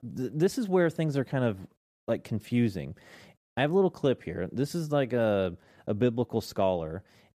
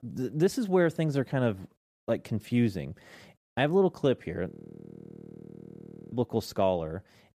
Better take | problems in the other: first | audio freezing; at 4.5 s for 1.5 s

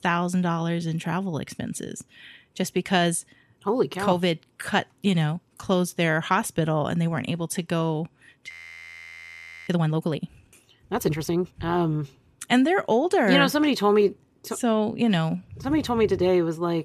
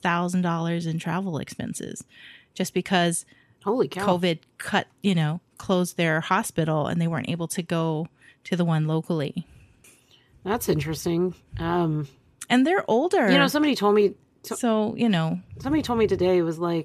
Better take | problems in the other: second | audio freezing; at 8.5 s for 1 s

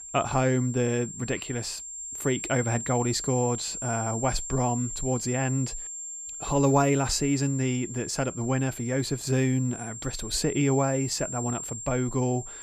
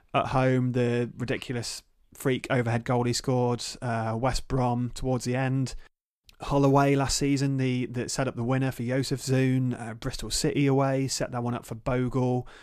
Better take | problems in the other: second | high-pitched whine; loud; throughout; 7.5 kHz, 8 dB below the speech

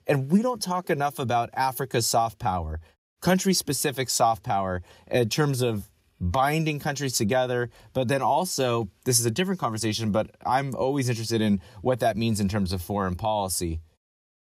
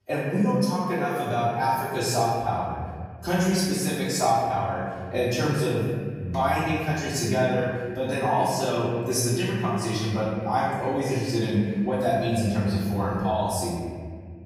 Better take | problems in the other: first | off-mic speech; far // room echo; strong; dies away in 1.9 s

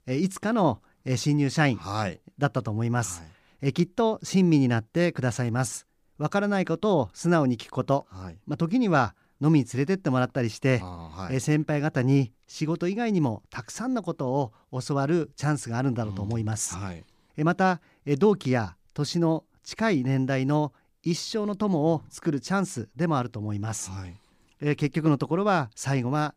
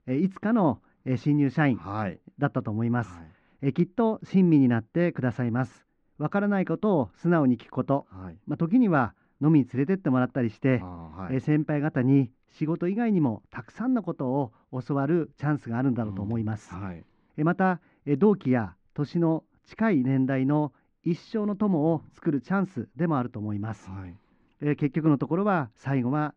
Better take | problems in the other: first | muffled; very; fading above 2 kHz

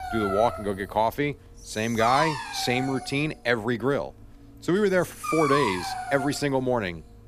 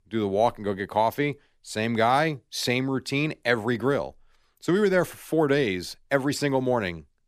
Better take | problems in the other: second | dog barking; noticeable; until 6.5 s; peak level with the speech

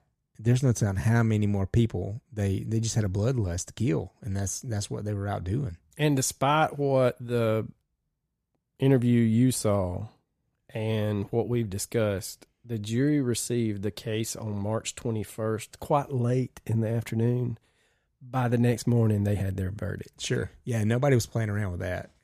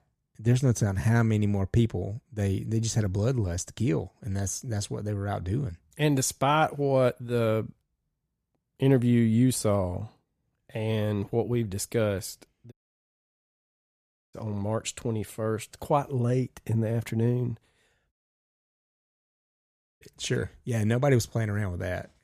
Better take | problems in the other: first | audio cutting out; at 13 s for 1.5 s and at 18 s for 2 s

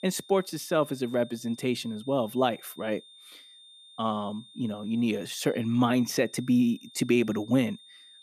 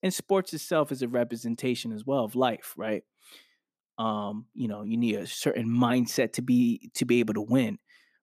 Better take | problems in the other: second | high-pitched whine; faint; throughout; 3.5 kHz, 20 dB below the speech

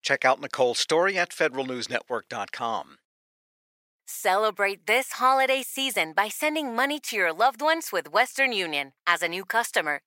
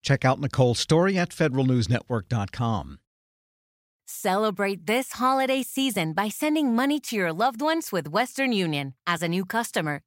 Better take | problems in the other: second | thin; very; fading below 550 Hz

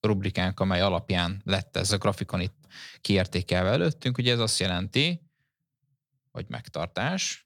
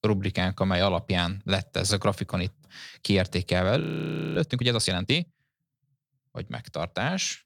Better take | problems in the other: first | audio freezing; at 4 s for 0.5 s

